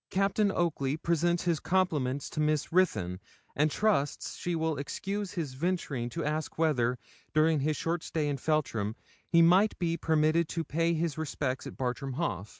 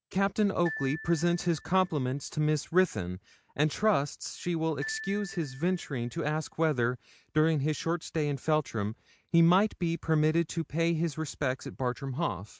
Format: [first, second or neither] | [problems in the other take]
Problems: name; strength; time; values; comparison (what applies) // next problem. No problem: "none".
first | background sound (Glockenspiel); 18 dB below the speech